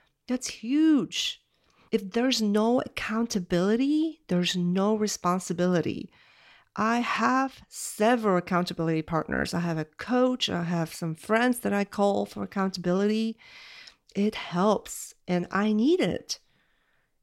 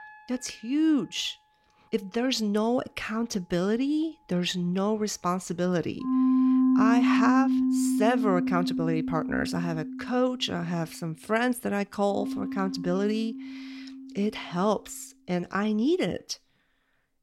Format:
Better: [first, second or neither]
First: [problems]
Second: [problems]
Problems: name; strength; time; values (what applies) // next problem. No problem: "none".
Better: first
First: none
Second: background music; very loud; throughout; 1 dB above the speech